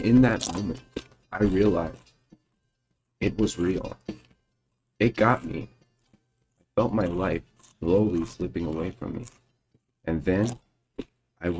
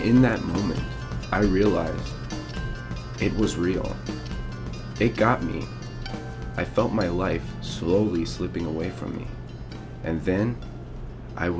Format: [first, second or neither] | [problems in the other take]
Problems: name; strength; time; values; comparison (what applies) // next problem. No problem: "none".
second | noise reduction (neural mask model RNNoise)